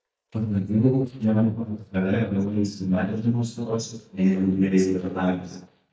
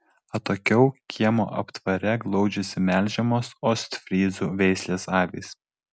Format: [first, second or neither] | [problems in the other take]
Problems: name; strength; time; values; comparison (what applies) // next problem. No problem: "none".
second | noise reduction (neural mask model DeepFilterNet 3)